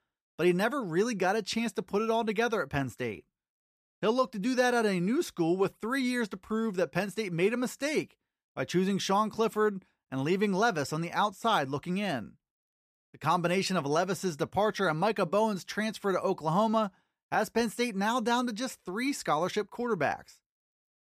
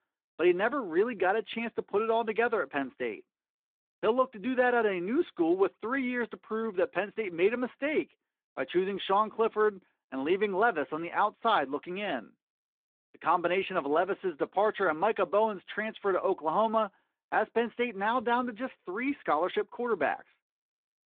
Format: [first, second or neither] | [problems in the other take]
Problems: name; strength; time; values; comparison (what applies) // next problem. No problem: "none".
first | phone-call audio